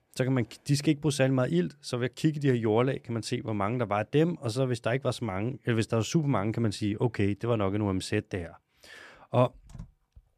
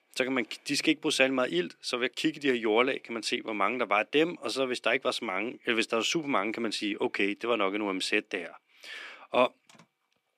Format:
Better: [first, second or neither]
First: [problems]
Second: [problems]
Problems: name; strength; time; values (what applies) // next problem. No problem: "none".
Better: first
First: none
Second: thin; somewhat; fading below 250 Hz